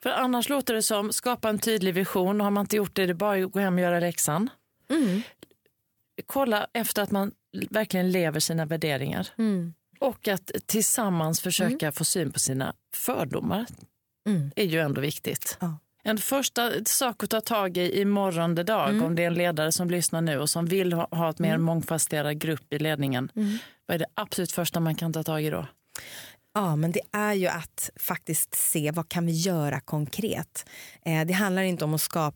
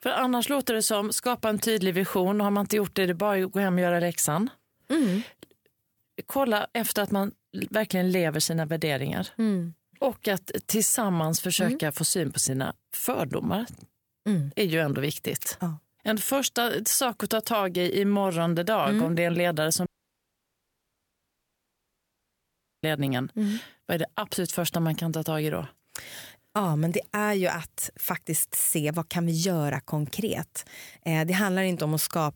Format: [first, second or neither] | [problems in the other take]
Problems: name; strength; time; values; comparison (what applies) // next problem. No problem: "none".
first | audio cutting out; at 20 s for 3 s